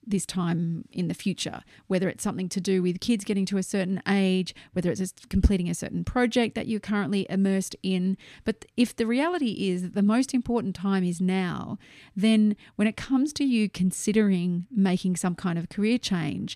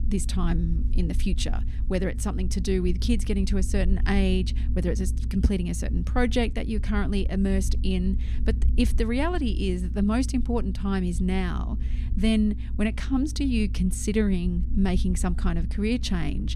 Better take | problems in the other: first | low rumble; noticeable; throughout; 15 dB below the speech

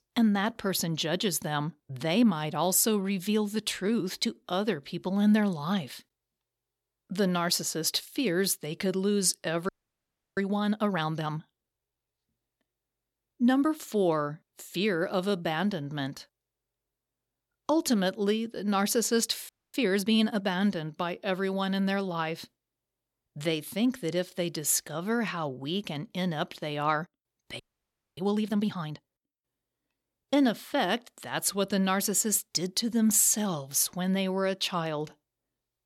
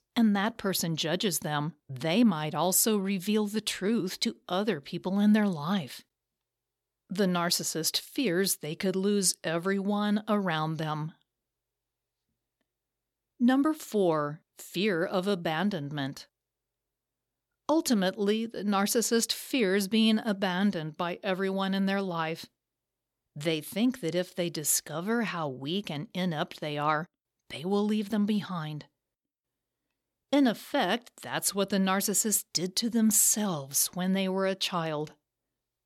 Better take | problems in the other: second | audio freezing; at 9.5 s for 0.5 s, at 19 s and at 28 s for 0.5 s

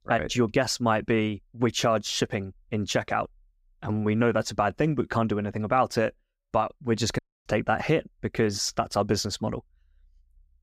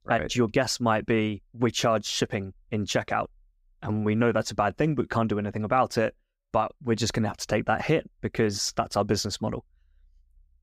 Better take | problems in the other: second | audio cutting out; at 7 s

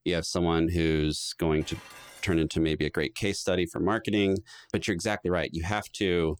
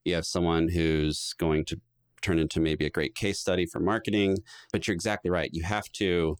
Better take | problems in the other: second | clattering dishes; faint; at 1.5 s; peak 15 dB below the speech

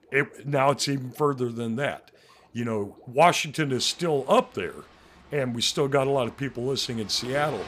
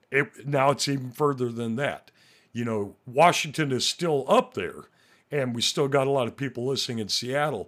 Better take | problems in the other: second | rain or running water; faint; throughout; 25 dB below the speech

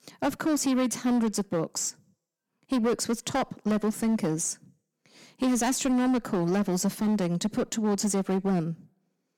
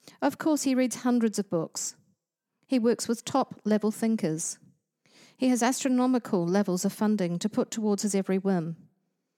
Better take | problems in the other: second | distortion; slight; 13% of the sound clipped

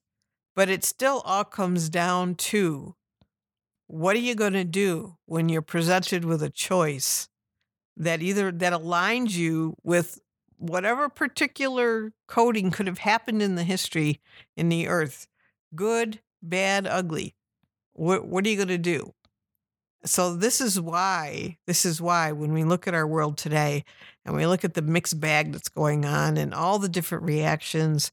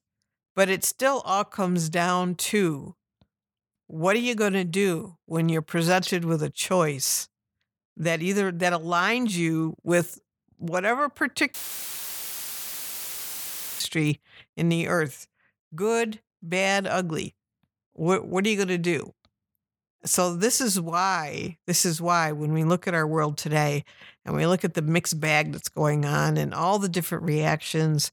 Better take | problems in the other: first | audio cutting out; filled with static; at 12 s for 2.5 s

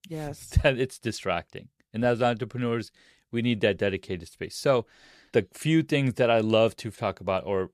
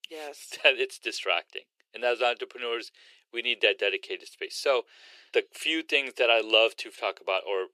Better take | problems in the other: first | thin; very; fading below 350 Hz

